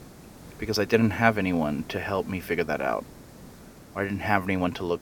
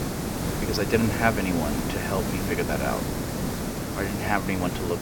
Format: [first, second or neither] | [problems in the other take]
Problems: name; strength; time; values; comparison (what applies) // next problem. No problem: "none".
first | hiss; loud; throughout; 2 dB below the speech; faint in the first